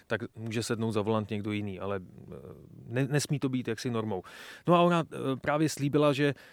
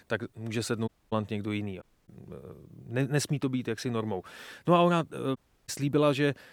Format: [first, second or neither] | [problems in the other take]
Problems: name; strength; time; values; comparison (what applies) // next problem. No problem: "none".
first | audio cutting out; at 1 s, at 2 s and at 5.5 s